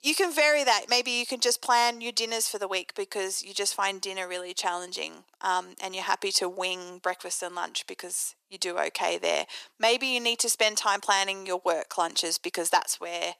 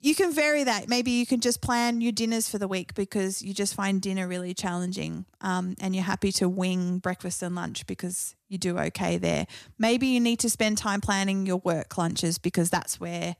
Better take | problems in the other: second | thin; very; fading below 400 Hz

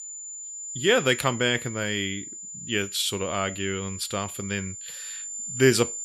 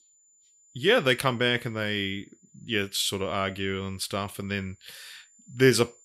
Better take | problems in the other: second | high-pitched whine; loud; throughout; 7 kHz, 9 dB below the speech; faint in the second

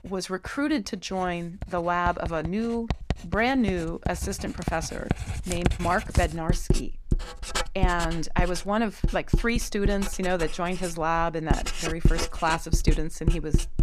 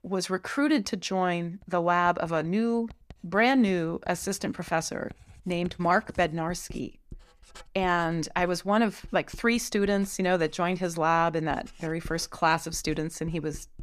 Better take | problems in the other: second | household noises; loud; throughout; 3 dB below the speech; faint in the second

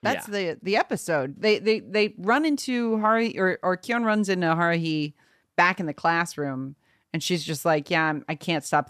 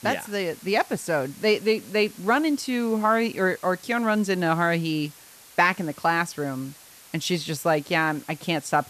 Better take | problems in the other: first | hiss; faint; throughout; 20 dB below the speech

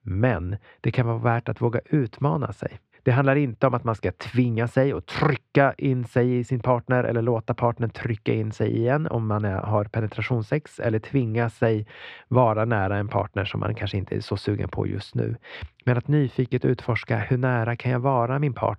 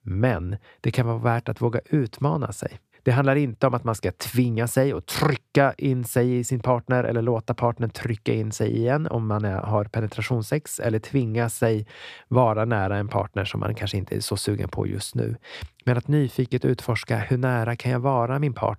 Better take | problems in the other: second | muffled; slightly; fading above 2.5 kHz

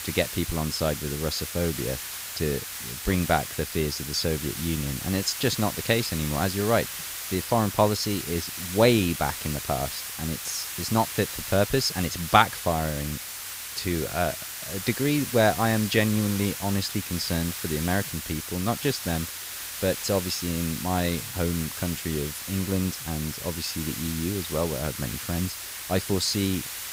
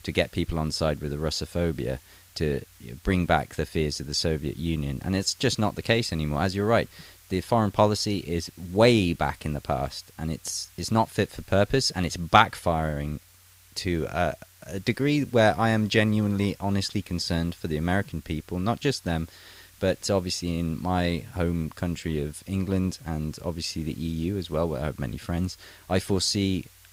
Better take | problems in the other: second | hiss; loud; throughout; 6 dB below the speech; faint in the second

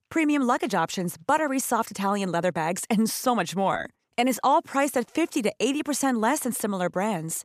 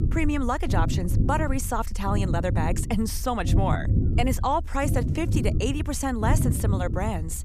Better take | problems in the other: first | low rumble; loud; throughout; 10 dB below the speech

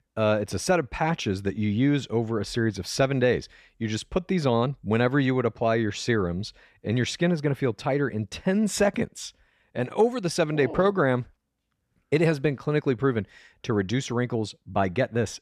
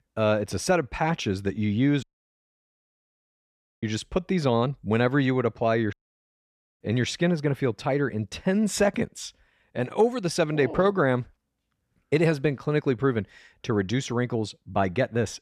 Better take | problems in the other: first | audio cutting out; at 2 s for 2 s and at 6 s for 1 s

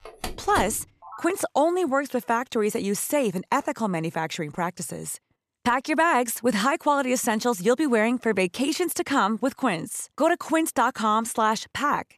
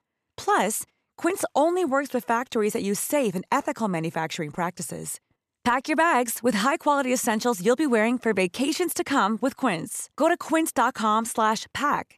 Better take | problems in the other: second | phone ringing; noticeable; until 1.5 s; peak 9 dB below the speech

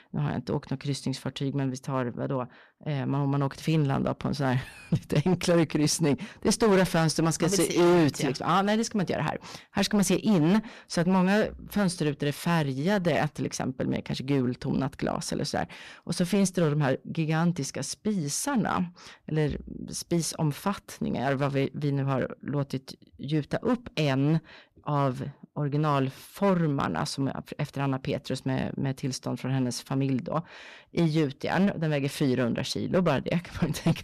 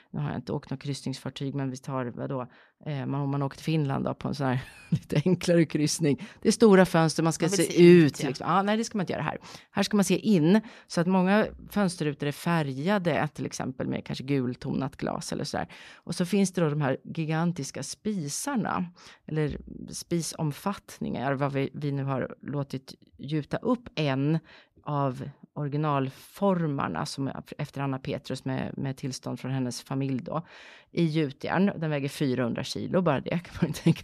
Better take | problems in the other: second | distortion; heavy; 5% of the sound clipped

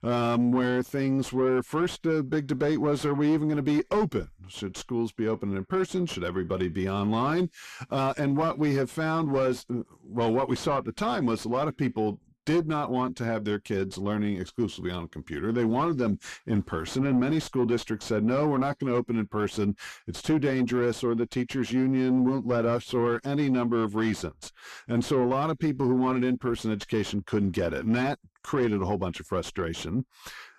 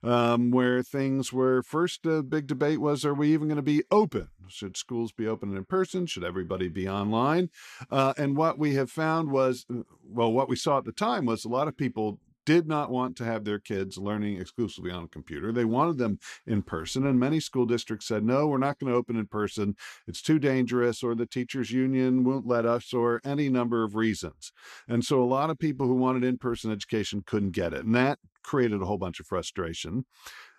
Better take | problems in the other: second | distortion; slight; 10 dB below the speech

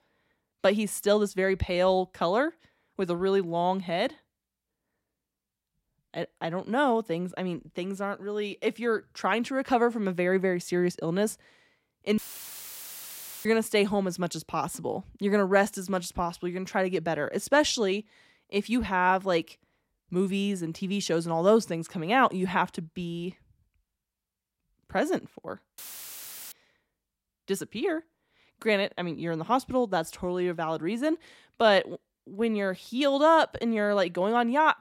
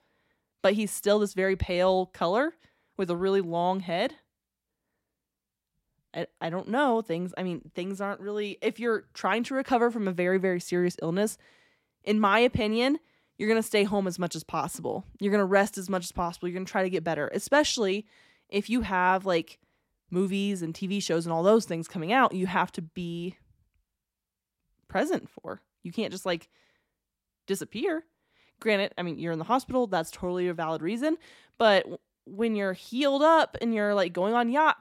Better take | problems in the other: second | audio cutting out; filled with static; at 12 s for 1.5 s and at 26 s for 0.5 s

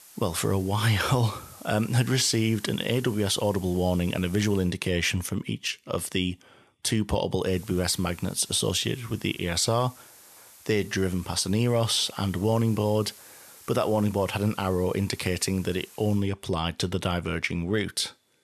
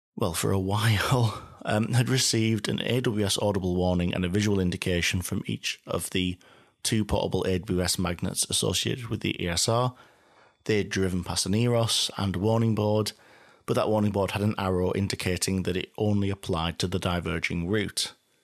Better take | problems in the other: second | hiss; faint; until 4.5 s and from 7.5 to 16 s; 20 dB below the speech

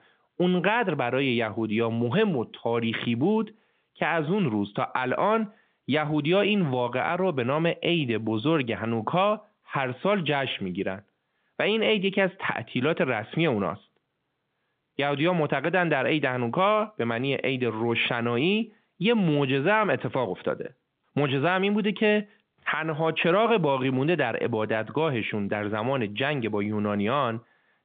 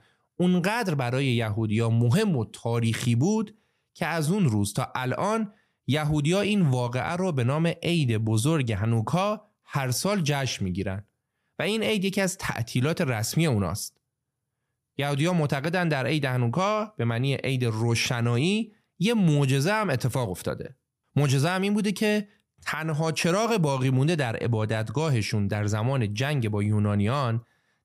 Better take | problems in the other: second | phone-call audio

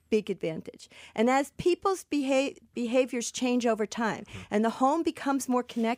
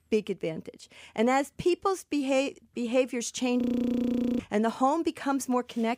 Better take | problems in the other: first | audio freezing; at 3.5 s for 1 s

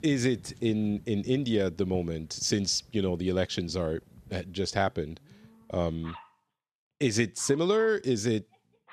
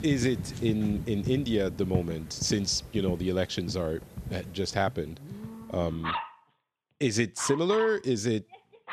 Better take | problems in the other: first | animal sounds; loud; throughout; 9 dB below the speech; faint in the first

